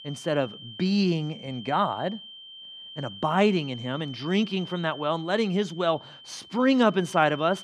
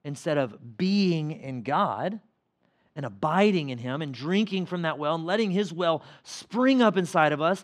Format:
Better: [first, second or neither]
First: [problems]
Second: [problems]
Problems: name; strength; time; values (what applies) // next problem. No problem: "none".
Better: second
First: high-pitched whine; noticeable; throughout; 3 kHz, 15 dB below the speech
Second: none